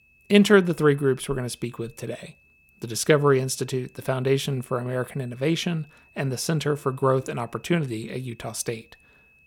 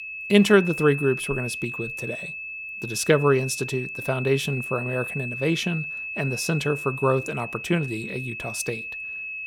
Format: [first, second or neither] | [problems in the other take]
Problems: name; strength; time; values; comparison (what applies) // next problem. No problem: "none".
first | high-pitched whine; loud; throughout; 2.5 kHz, 7 dB below the speech; faint in the first